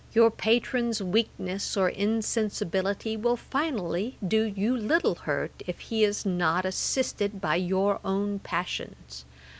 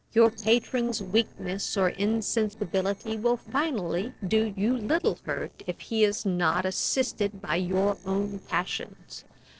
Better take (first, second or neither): first